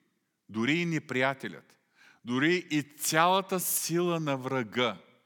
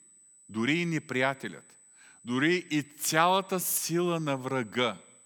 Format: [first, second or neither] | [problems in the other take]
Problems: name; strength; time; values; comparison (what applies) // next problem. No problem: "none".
first | high-pitched whine; faint; throughout; 8 kHz, 25 dB below the speech